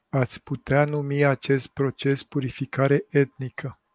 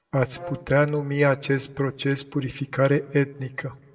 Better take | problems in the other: first | background sound (Brass instrument); 18 dB below the speech // room echo; dies away in 0.5 s

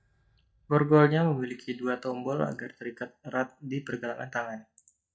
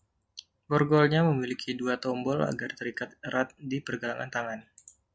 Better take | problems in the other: second | noise reduction (neural mask model DeepFilterNet 3)

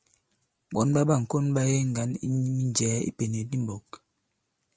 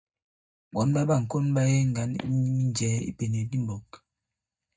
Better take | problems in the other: first | noise reduction (neural mask model DeepFilterNet 3)

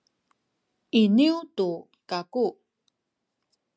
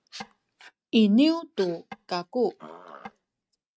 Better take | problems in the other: first | noise reduction (neural mask model RNNoise)

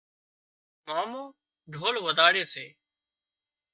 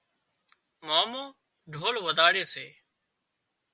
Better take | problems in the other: second | noise reduction (neural mask model DeepFilterNet 3)

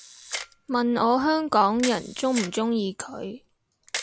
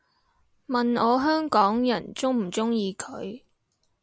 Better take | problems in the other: second | background sound (Camera); 13 dB below the speech

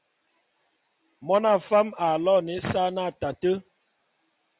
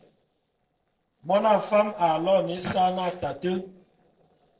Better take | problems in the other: first | noise reduction (neural separator model SepFormer DNS4)

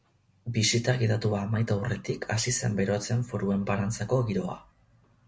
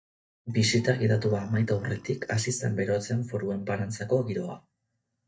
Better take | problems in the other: first | noise reduction (neural mask model DeepFilterNet 3)

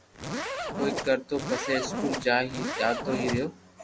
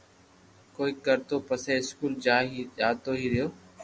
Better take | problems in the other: second | background sound (Zipper (clothing)); 3 dB below the speech

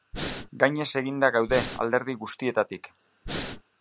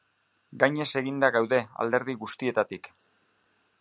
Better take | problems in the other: second | background sound (Breathing); 6 dB below the speech

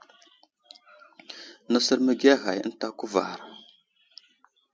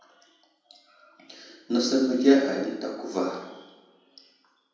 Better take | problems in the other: first | room echo; dies away in 0.9 s

